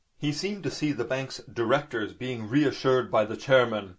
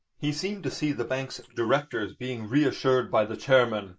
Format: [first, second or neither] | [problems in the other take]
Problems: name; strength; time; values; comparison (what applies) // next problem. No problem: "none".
first | noise reduction (neural mask model Resemble Enhance denoiser)